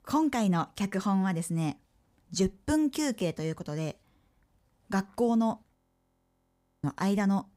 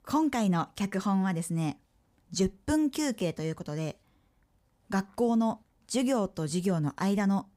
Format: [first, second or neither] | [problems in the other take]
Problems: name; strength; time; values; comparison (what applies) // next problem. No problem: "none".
second | audio freezing; at 6 s for 1 s